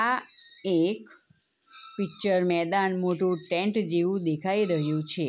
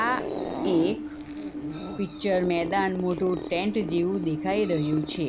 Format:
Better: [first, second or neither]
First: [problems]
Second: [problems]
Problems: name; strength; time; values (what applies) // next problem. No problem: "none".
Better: first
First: none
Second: background sound (Zipper (clothing) + Train); 6 dB below the speech